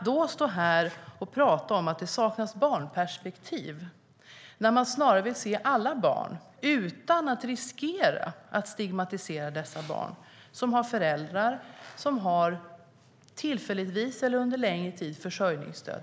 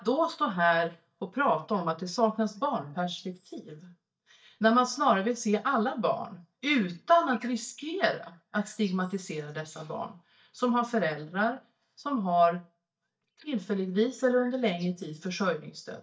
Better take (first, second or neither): first